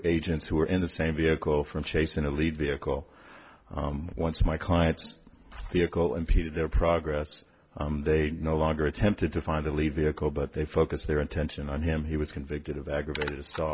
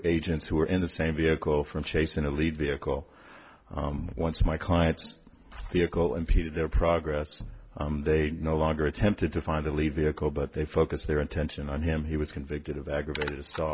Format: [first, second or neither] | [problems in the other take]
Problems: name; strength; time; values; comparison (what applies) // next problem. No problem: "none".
first | background sound (Bass drum); 18 dB below the speech